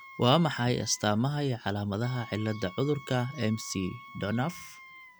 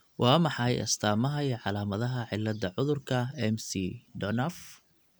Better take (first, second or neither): second